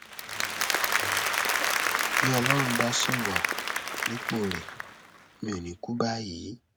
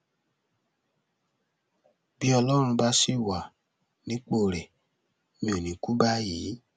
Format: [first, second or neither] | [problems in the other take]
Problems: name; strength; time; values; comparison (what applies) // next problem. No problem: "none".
second | background sound (Applause); 4 dB above the speech